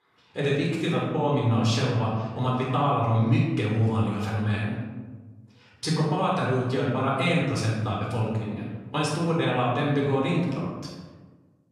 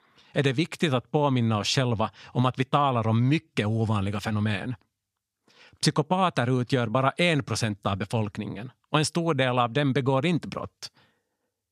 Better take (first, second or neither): second